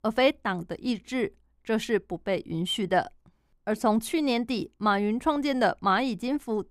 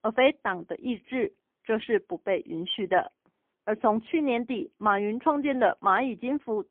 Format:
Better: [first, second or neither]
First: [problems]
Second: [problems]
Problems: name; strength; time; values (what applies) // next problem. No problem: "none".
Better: first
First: none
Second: phone-call audio; poor line; nothing above 3.5 kHz